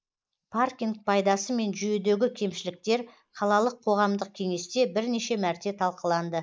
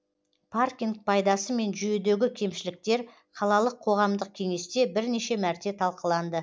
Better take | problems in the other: second | noise reduction (neural mask model Resemble Enhance denoiser)

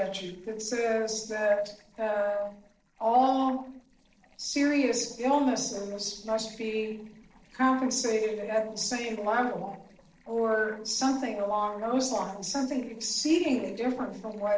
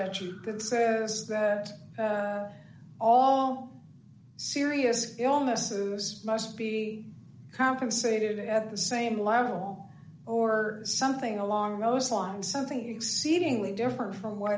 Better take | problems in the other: second | noise reduction (neural separator model SepFormer DNS4)

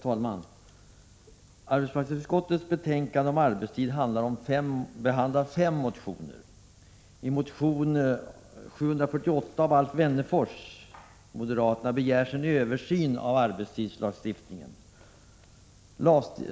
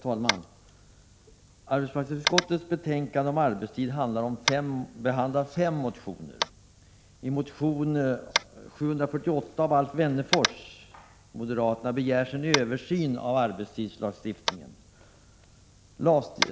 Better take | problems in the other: first | background sound (Tap); 8 dB below the speech

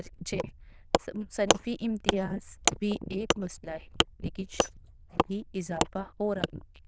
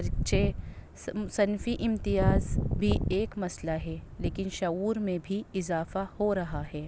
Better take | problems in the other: second | noise reduction (neural diffusion model UNIVERSE++)

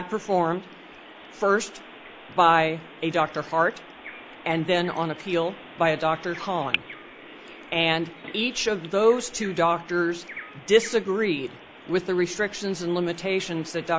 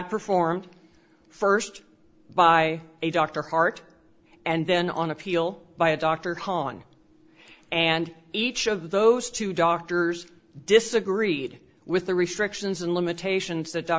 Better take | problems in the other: second | background sound (Bird vocalization, bird call, bird song); 16 dB below the speech

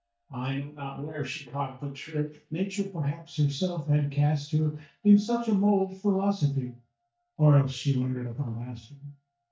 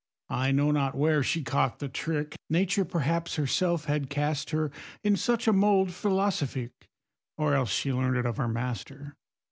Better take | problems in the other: second | noise reduction (neural mask model DeepFilterNet 3)

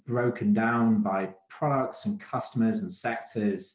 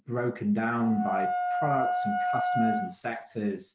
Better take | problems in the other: first | background sound (Wind instrument, woodwind instrument); as loud as the speech

